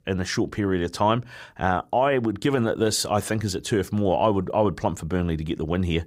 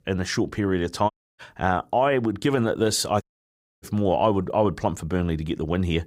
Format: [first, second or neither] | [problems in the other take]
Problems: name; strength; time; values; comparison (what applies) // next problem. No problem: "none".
first | audio cutting out; at 1 s and at 3 s for 0.5 s